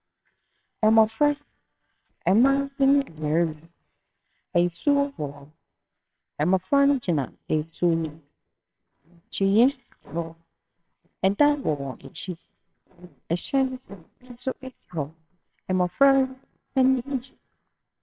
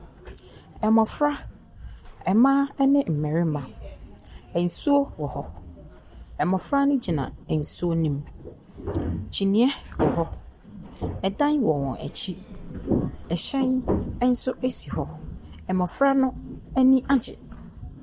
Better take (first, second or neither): second